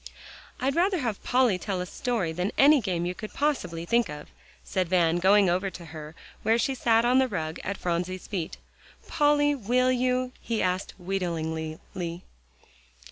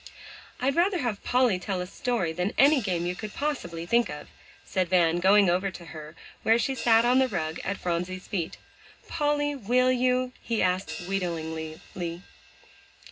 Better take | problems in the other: first | background sound (Crash cymbal); 20 dB below the speech // room echo; dies away in 0.2 s

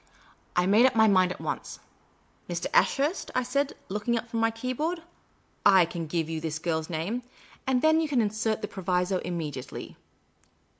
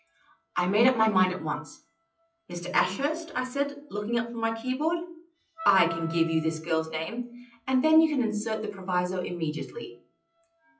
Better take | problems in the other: first | noise reduction (classical method WPE with log-MMSE)

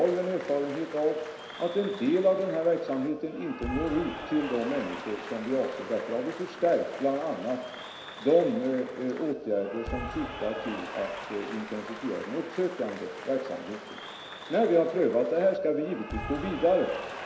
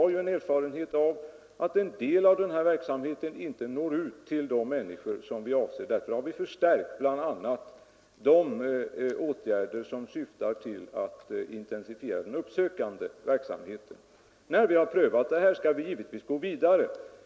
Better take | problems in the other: second | background sound (Applause / Cheering); 12 dB below the speech // room echo; dies away in 0.9 s

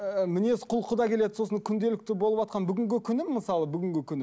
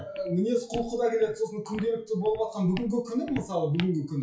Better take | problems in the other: first | noise reduction (classical method WPE with log-MMSE)

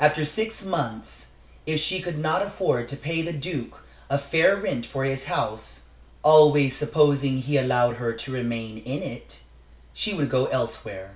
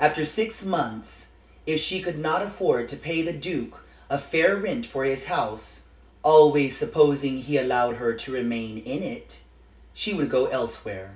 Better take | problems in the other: first | room echo; dies away in 0.3 s

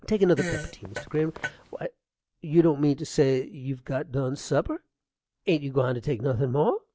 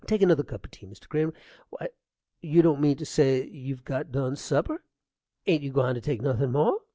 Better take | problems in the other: second | background sound (Fart); 10 dB below the speech

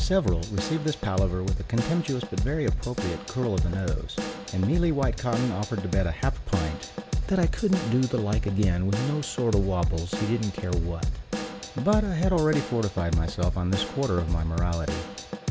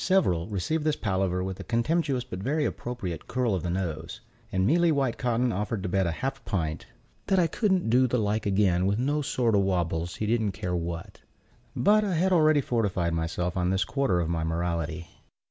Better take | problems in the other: second | background sound (Drum / Drum kit); 3 dB below the speech

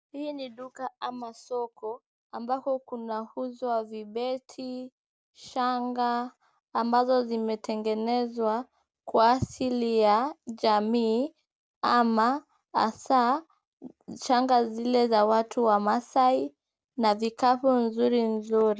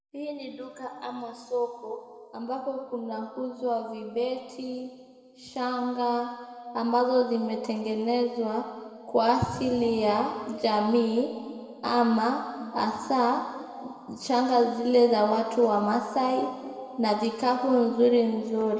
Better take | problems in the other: first | room echo; dies away in 1.9 s

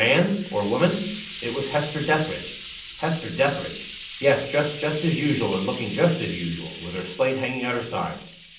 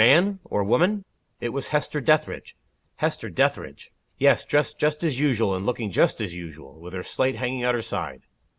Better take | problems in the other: second | background sound (Frying (food)); 14 dB below the speech // room echo; dies away in 0.6 s

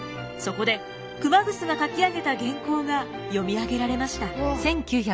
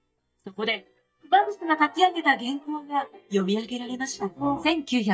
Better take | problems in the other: first | noise reduction (neural mask model DeepFilterNet 3)

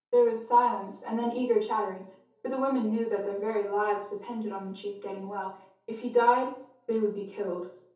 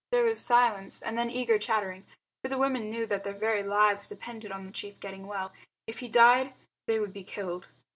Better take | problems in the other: second | room echo; dies away in 0.5 s

